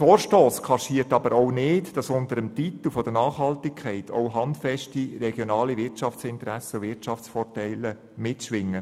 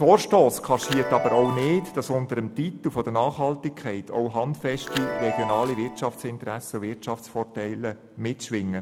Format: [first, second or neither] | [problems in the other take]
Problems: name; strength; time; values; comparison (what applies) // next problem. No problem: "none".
first | background sound (Chime); 10 dB below the speech